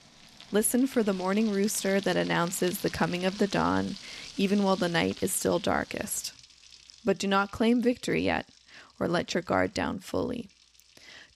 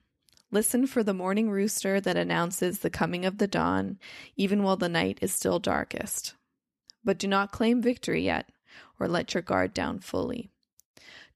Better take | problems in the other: second | household noises; noticeable; throughout; 15 dB below the speech

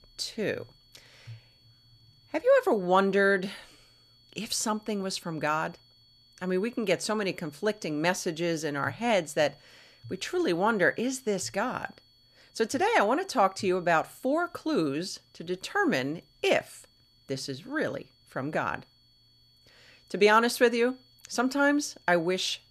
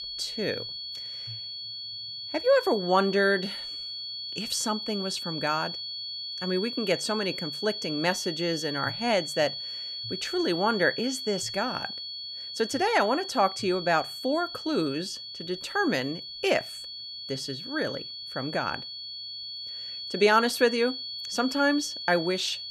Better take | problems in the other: first | high-pitched whine; loud; throughout; 4.5 kHz, 7 dB below the speech; faint in the first

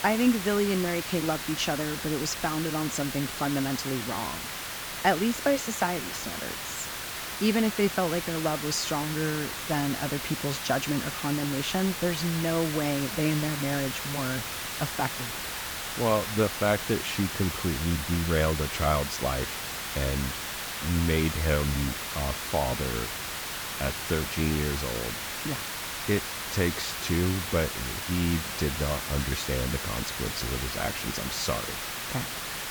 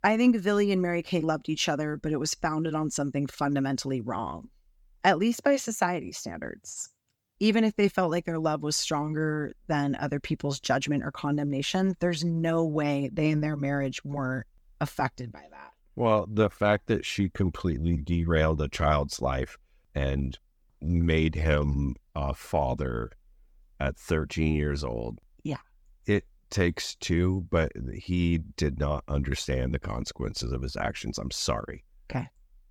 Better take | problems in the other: second | hiss; loud; throughout; 3 dB below the speech

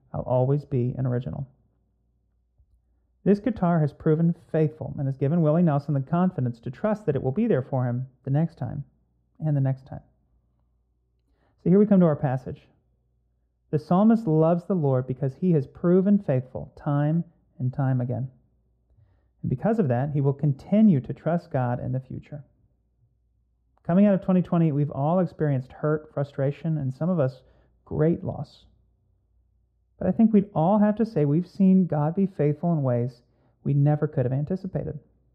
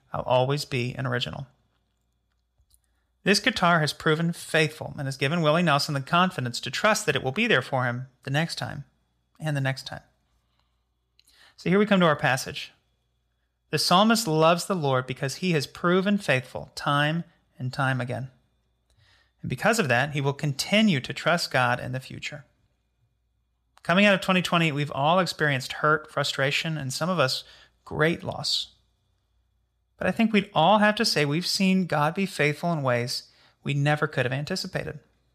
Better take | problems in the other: second | muffled; very; fading above 1.5 kHz

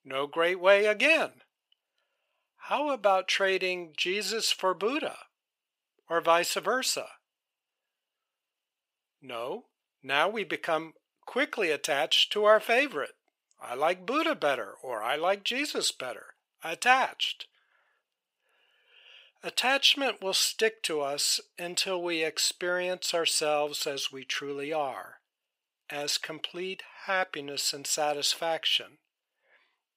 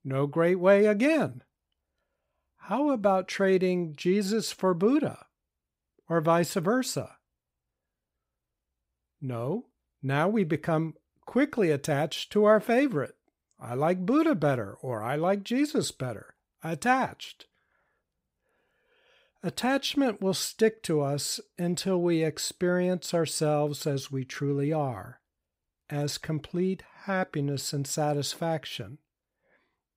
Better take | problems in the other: second | thin; somewhat; fading below 600 Hz

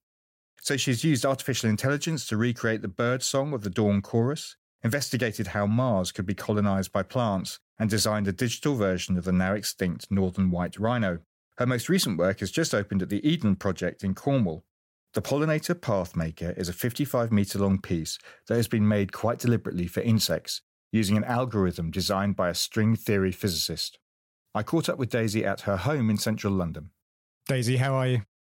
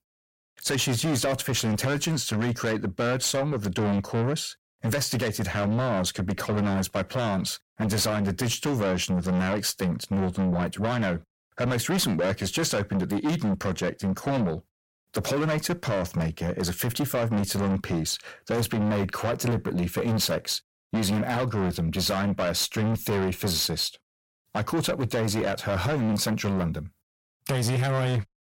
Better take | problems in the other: first | distortion; heavy; 6 dB below the speech

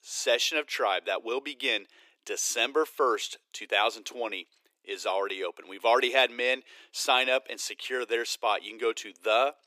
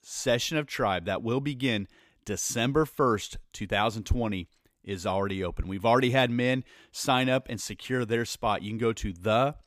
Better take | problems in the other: second | thin; very; fading below 350 Hz

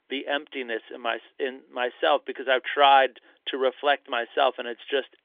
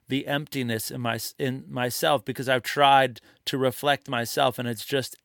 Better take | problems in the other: second | phone-call audio; nothing above 3.5 kHz

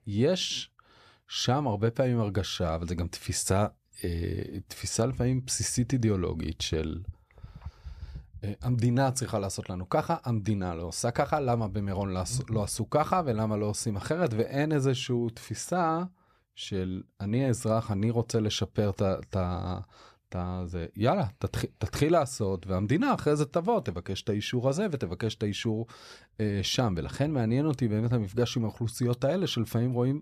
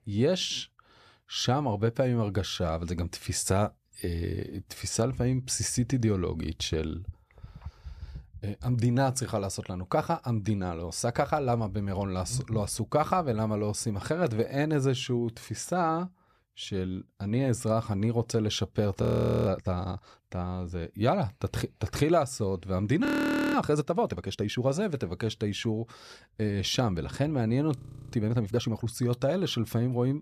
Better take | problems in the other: first | audio freezing; at 19 s, at 23 s and at 28 s

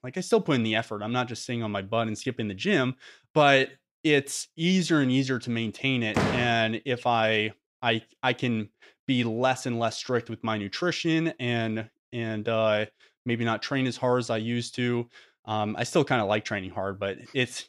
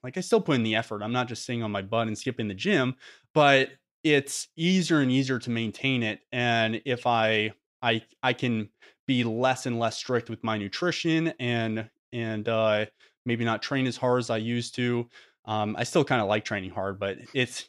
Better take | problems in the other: second | door banging; noticeable; at 6 s; peak level with the speech

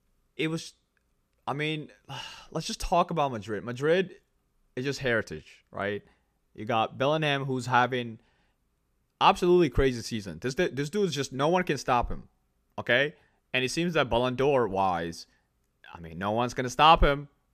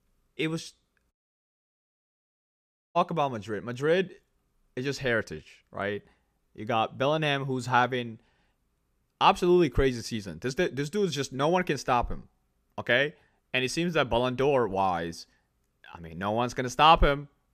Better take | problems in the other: first | audio cutting out; at 1 s for 2 s

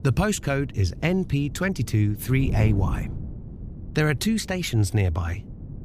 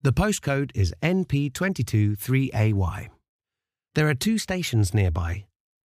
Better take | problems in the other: second | wind noise on the microphone; occasional gusts; 15 dB below the speech

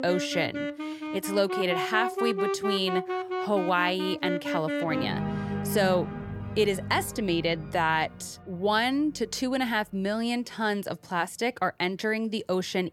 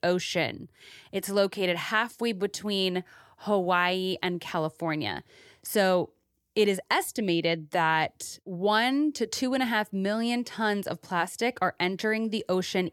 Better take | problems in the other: second | background music; loud; throughout; 4 dB below the speech

